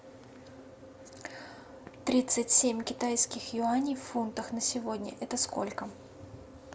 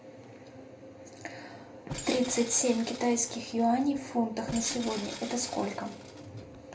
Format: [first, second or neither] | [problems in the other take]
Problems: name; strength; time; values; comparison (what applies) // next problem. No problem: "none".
first | background sound (Tools); 11 dB below the speech // room echo; dies away in 0.3 s